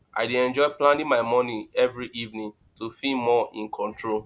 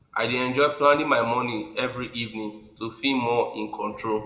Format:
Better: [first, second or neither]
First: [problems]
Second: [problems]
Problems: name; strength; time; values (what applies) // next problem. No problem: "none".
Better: first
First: none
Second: room echo; dies away in 0.8 s